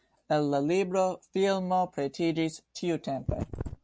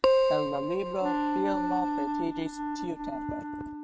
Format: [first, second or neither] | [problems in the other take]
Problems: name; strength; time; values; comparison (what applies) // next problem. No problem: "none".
first | noise reduction (neural mask model RNNoise)